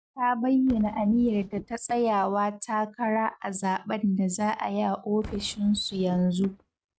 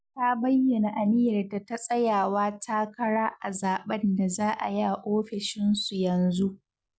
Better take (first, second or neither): second